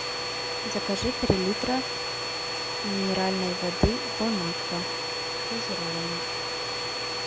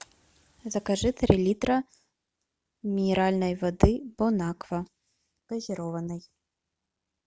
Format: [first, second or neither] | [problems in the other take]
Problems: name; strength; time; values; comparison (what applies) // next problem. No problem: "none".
second | background sound (Domestic sounds, home sounds); as loud as the speech